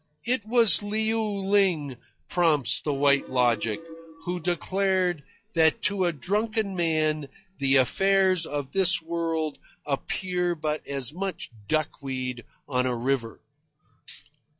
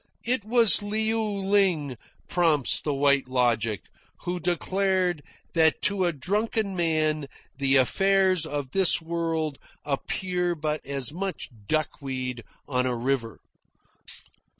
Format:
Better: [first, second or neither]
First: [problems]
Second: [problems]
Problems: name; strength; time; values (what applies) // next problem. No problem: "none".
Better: second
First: noise reduction (classical method log-MMSE)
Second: none